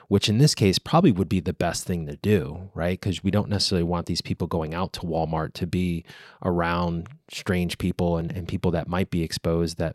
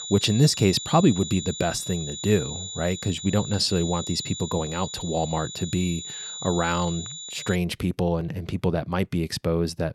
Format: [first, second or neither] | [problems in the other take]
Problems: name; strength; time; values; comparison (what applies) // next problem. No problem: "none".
first | high-pitched whine; loud; until 7.5 s; 4 kHz, 8 dB below the speech